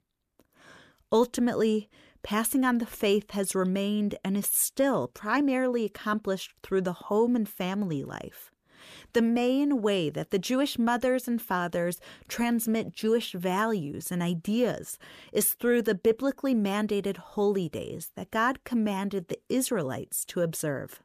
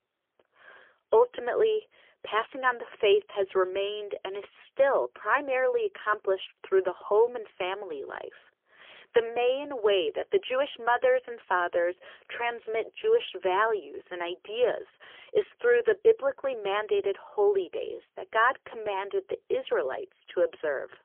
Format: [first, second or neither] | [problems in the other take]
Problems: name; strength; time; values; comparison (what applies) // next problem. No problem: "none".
first | phone-call audio; poor line; nothing above 3.5 kHz